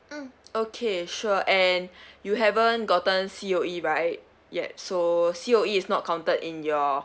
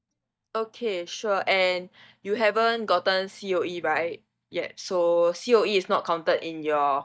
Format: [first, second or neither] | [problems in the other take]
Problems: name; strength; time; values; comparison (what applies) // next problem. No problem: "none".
first | noise reduction (neural mask model DeepFilterNet 3)